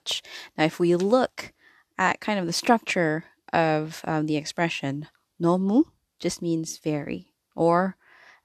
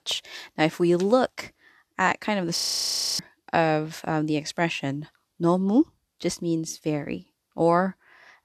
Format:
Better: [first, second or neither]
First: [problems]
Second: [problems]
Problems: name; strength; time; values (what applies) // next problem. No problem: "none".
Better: first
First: none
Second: audio freezing; at 2.5 s for 0.5 s